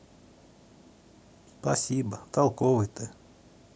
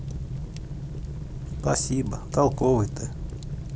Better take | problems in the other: first | background sound (Fire); 5 dB below the speech

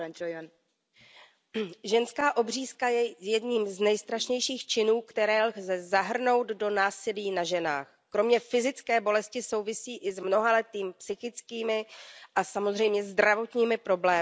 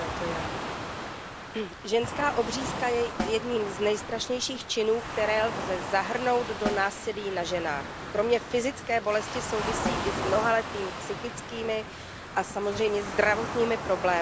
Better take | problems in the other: first | background sound (Snare drum + Waves, surf); 6 dB below the speech

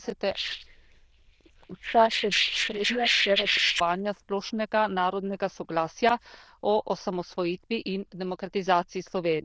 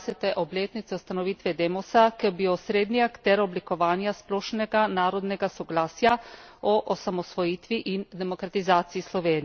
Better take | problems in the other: second | noise reduction (neural diffusion model UNIVERSE++)

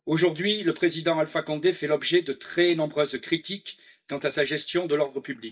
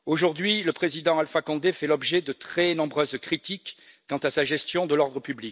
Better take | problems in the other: second | noise reduction (neural mask model DeepFilterNet 3)

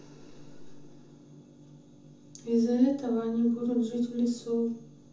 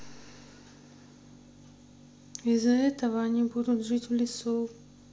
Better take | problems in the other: second | room echo; dies away in 0.6 s

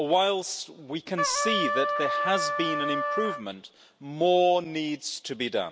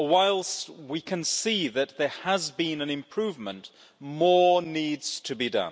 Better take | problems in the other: second | background sound (Trumpet); 1 dB below the speech

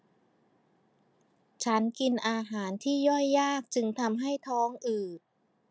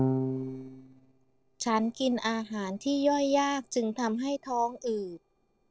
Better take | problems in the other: first | noise reduction (neural separator model SepFormer DNS4)

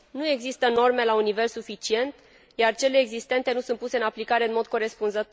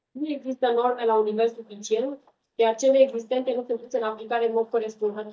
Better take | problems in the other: first | noise reduction (neural mask model DeepFilterNet 3)

